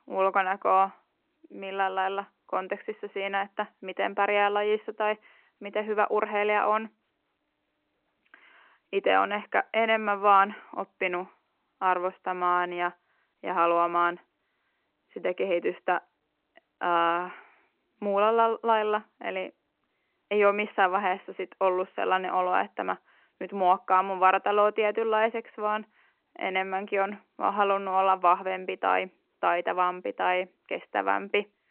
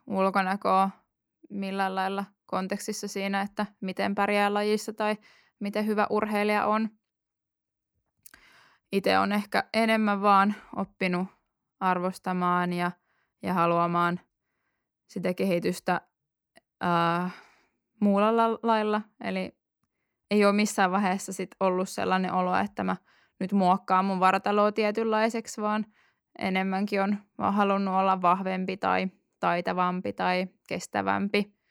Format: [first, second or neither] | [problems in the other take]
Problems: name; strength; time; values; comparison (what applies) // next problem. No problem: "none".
second | phone-call audio